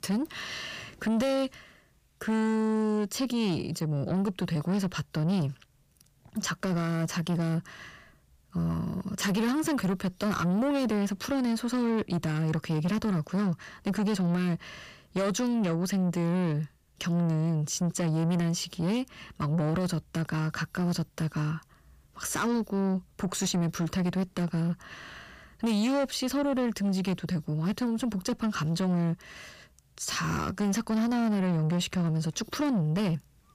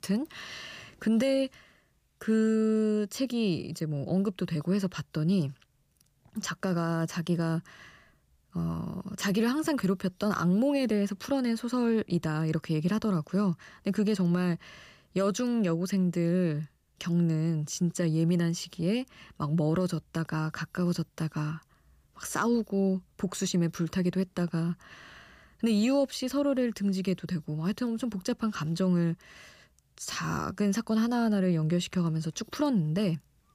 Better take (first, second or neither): second